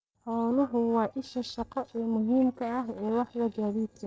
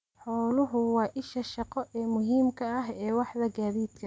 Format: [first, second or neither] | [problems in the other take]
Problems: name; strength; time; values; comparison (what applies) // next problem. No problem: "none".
second | noise reduction (neural separator model SepFormer DNS4)